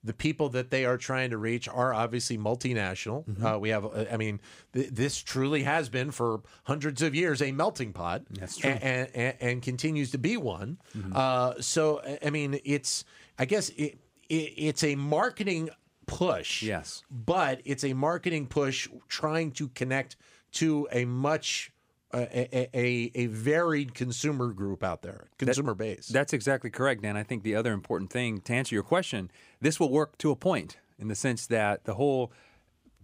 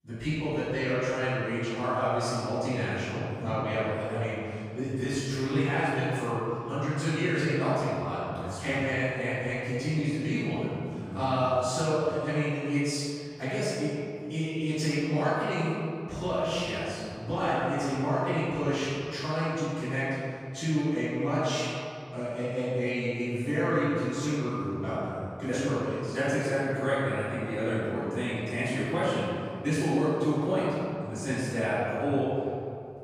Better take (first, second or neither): first